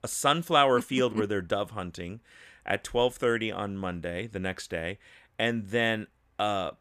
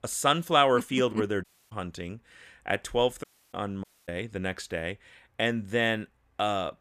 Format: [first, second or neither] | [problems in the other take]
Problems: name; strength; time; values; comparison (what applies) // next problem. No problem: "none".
first | audio cutting out; at 1.5 s, at 3 s and at 4 s